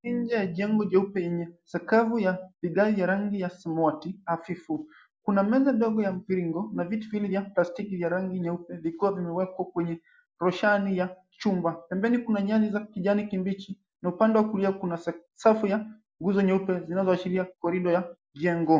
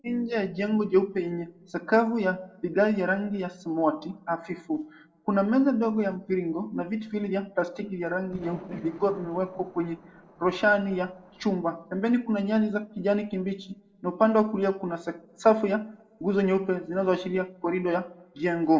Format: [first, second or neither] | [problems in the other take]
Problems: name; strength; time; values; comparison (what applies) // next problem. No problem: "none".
first | noise reduction (neural separator model SepFormer DNS4)